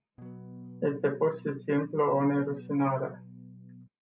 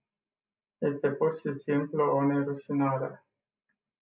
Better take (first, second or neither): second